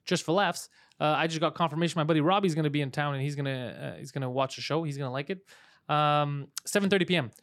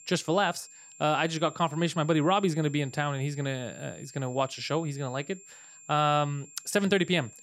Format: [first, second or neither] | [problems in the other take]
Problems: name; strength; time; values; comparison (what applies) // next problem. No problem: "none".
first | high-pitched whine; noticeable; throughout; 7.5 kHz, 20 dB below the speech